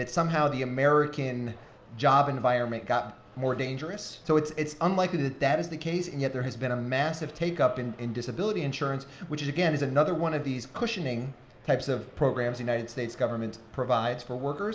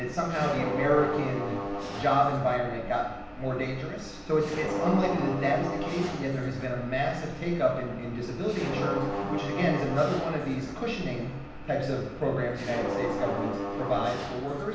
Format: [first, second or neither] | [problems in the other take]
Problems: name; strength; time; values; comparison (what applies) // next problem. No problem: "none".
first | background sound (Mechanisms); 6 dB below the speech // room echo; dies away in 0.9 s